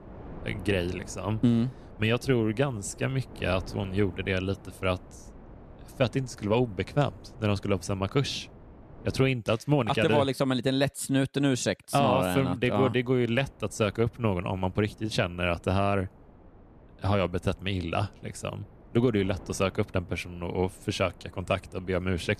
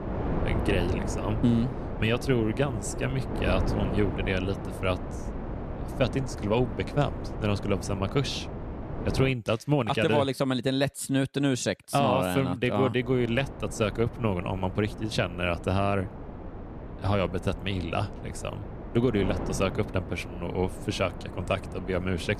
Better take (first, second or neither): first